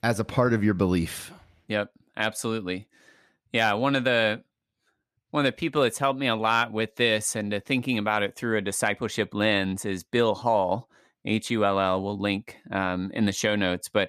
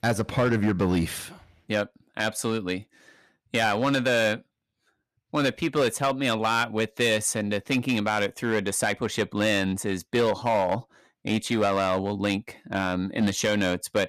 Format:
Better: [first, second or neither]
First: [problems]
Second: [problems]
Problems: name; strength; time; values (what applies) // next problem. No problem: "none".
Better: first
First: none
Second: distortion; slight; 6% of the sound clipped